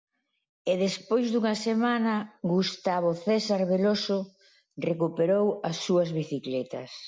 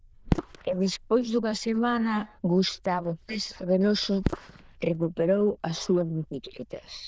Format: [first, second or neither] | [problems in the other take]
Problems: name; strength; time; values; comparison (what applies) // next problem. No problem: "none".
first | noise reduction (neural diffusion model UNIVERSE++)